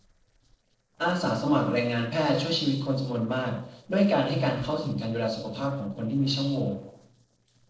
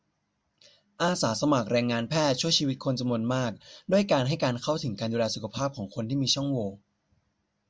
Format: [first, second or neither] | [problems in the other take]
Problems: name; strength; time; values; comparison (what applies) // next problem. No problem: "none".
second | noise reduction (neural separator model SepFormer DNS4)